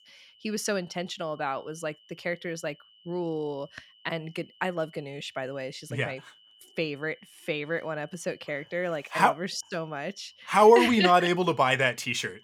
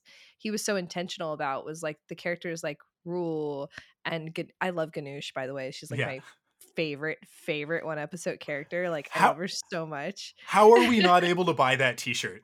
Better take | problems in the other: second | high-pitched whine; faint; throughout; 3 kHz, 30 dB below the speech

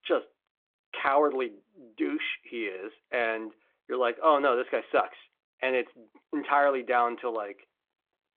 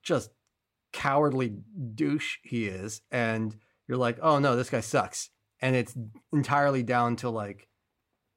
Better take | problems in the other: second | phone-call audio; nothing above 3.5 kHz

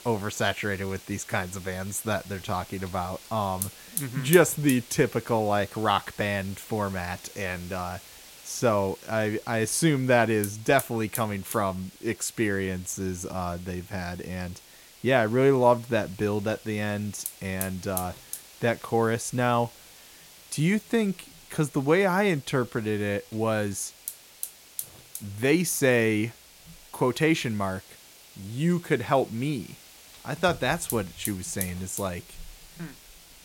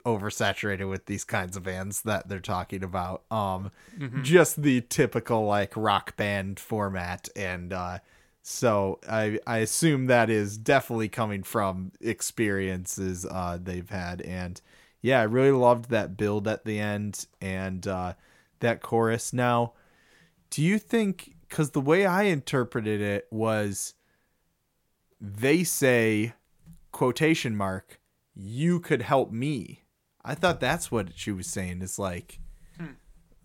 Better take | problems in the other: second | hiss; noticeable; throughout; 15 dB below the speech

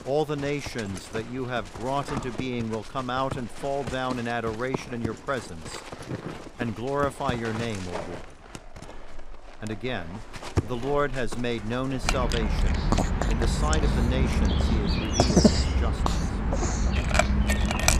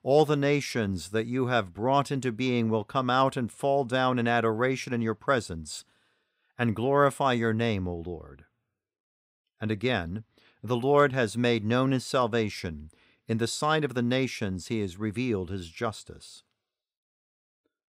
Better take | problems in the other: second | animal sounds; very loud; throughout; 3 dB above the speech

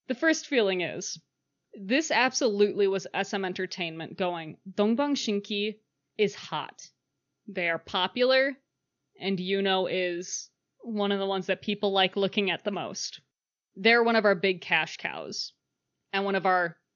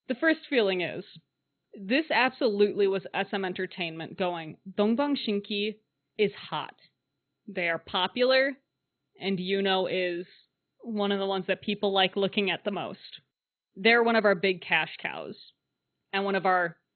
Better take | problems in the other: first | garbled, watery; badly; nothing above 4 kHz; slightly in the first

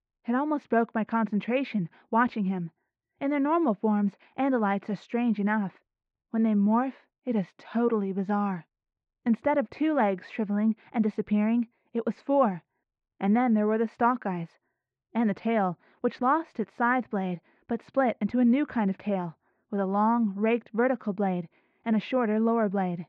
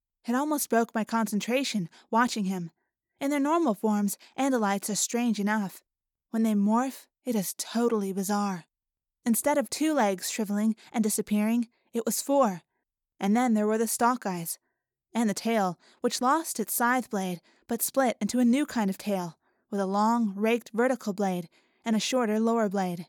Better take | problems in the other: second | muffled; very; fading above 2.5 kHz

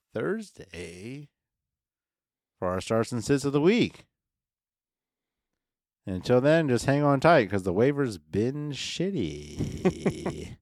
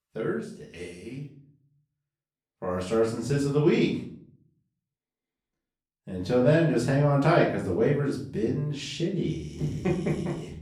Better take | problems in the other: first | off-mic speech; far // room echo; slight; dies away in 0.5 s

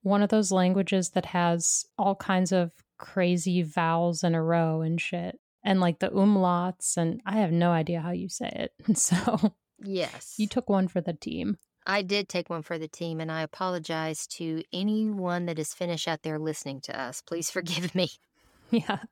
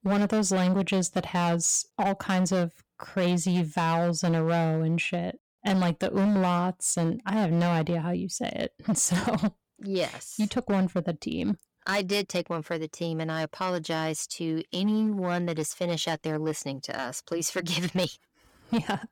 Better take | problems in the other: first | distortion; slight; 11% of the sound clipped

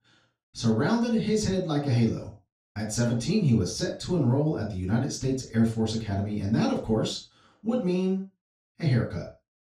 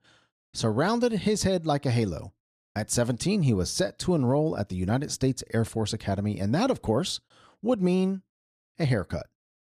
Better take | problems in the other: second | room echo; noticeable; dies away in 0.3 s // off-mic speech; far

